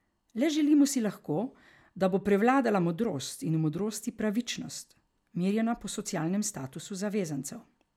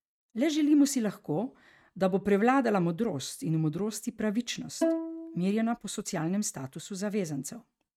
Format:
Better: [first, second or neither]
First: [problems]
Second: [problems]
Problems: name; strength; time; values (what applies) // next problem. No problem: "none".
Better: first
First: none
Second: noise reduction (neural mask model RNNoise)